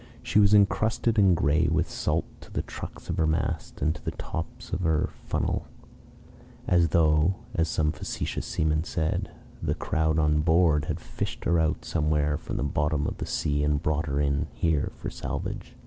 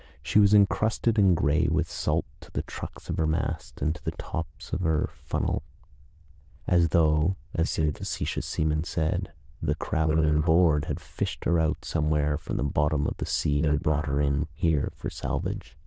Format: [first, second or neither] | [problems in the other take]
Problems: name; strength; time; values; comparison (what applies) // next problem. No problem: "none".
first | noise reduction (neural diffusion model UNIVERSE++)